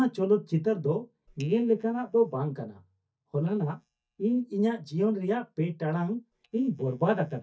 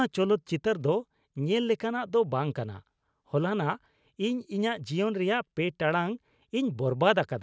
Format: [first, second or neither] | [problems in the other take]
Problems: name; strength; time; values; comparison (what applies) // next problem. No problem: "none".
second | noise reduction (neural mask model DeepFilterNet 3)